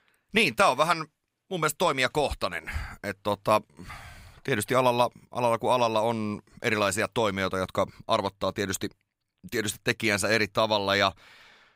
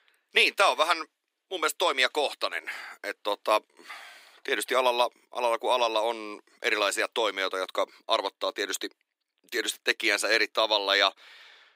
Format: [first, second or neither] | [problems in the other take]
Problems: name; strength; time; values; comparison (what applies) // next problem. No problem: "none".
first | thin; very; fading below 300 Hz